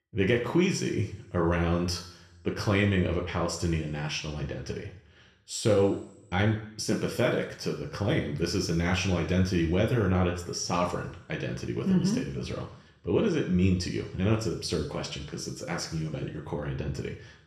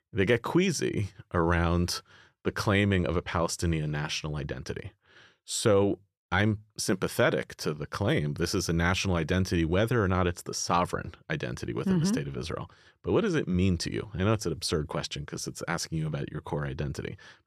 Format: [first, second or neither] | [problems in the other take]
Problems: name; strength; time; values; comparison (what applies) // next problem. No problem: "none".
second | room echo; slight; dies away in 0.7 s // off-mic speech; somewhat distant